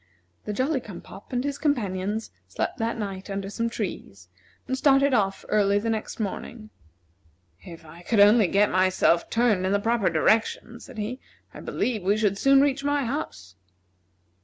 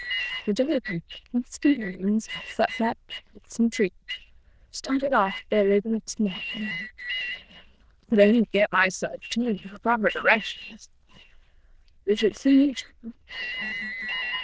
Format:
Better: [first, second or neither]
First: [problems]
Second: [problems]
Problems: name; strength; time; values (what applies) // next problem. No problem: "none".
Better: first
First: none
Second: noise reduction (neural diffusion model UNIVERSE++)